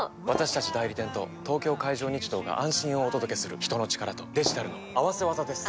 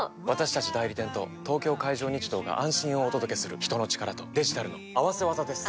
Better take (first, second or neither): second